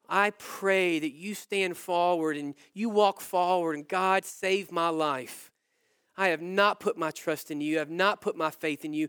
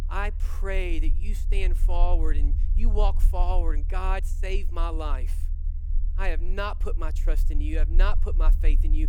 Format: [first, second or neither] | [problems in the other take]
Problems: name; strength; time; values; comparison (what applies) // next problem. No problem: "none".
first | low rumble; noticeable; throughout; 15 dB below the speech